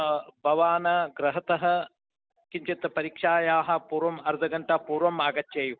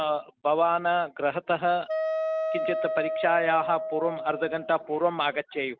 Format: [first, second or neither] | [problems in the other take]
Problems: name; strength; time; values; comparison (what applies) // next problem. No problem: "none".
first | background sound (Wind instrument, woodwind instrument); 4 dB below the speech